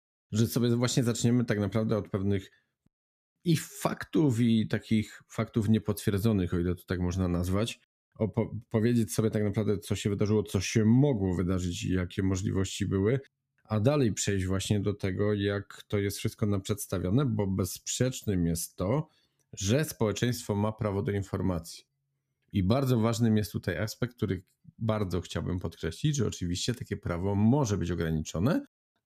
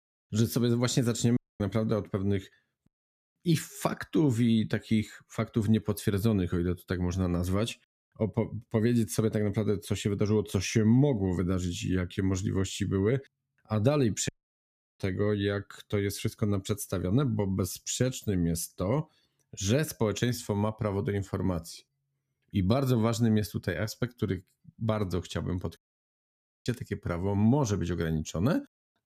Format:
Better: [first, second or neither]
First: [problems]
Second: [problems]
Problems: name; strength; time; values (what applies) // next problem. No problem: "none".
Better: first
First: none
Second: audio cutting out; at 1.5 s, at 14 s for 0.5 s and at 26 s for 1 s